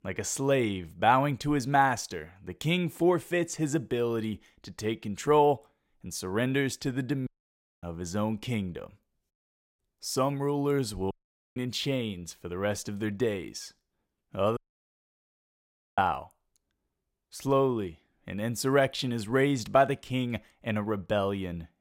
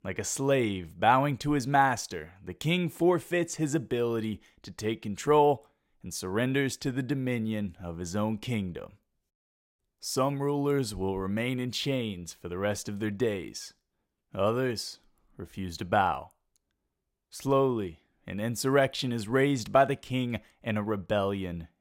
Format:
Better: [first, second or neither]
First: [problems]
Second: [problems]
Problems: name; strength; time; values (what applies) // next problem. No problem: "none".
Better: second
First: audio cutting out; at 7.5 s for 0.5 s, at 11 s and at 15 s for 1.5 s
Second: none